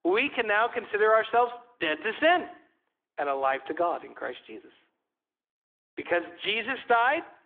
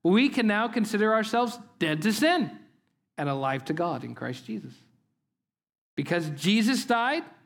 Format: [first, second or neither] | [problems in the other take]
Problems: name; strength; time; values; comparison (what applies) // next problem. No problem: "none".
second | phone-call audio